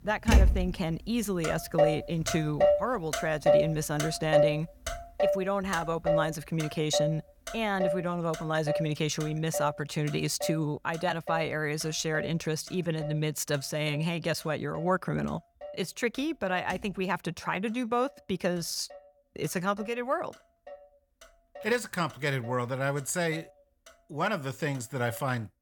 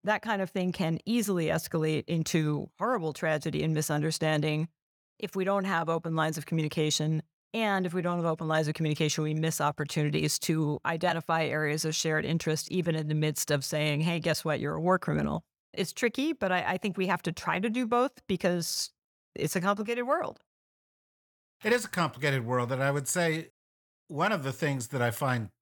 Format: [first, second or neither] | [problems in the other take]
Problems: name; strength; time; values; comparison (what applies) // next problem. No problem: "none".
second | traffic noise; very loud; throughout; as loud as the speech